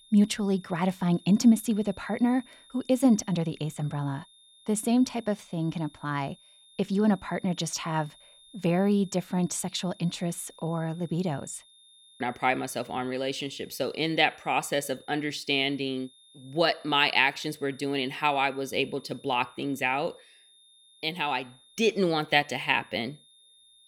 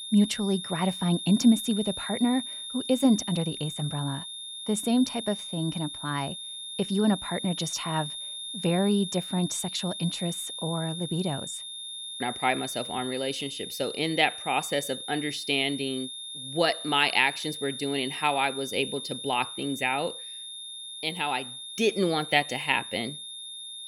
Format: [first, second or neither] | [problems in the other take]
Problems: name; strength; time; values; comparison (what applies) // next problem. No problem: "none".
first | high-pitched whine; loud; throughout; 3.5 kHz, 8 dB below the speech; faint in the first